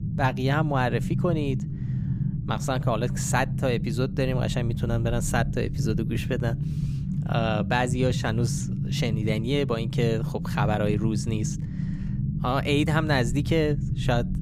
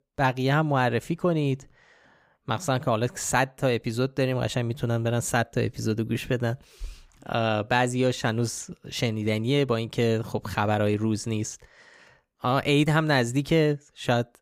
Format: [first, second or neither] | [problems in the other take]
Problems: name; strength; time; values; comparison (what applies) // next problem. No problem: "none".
second | low rumble; noticeable; throughout; 10 dB below the speech